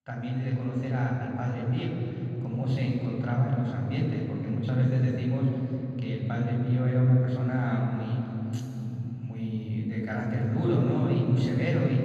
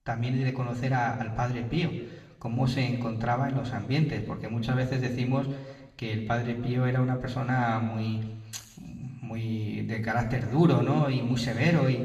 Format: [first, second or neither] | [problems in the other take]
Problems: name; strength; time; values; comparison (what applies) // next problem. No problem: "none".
second | room echo; strong; dies away in 3 s; slight in the second // off-mic speech; far; somewhat distant in the second